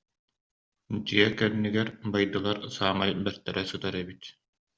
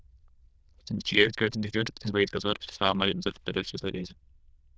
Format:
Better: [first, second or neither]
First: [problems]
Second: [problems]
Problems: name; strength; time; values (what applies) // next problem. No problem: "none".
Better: first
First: none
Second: noise reduction (neural diffusion model UNIVERSE++)